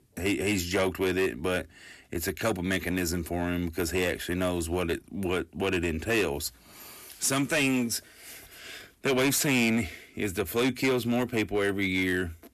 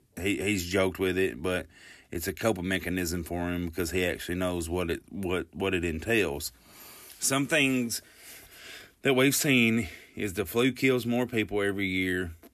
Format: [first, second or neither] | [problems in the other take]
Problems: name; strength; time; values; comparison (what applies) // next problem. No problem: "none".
second | distortion; slight; 7% of the sound clipped